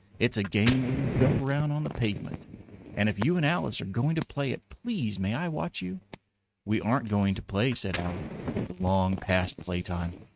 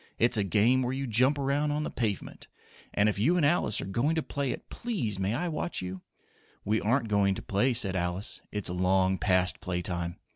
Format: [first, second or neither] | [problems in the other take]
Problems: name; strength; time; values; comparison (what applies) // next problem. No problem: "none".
second | noise reduction (neural mask model RNNoise)